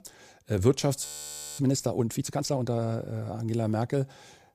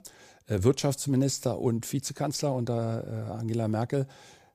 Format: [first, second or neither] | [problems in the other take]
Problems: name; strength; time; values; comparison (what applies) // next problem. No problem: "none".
second | audio freezing; at 1 s for 0.5 s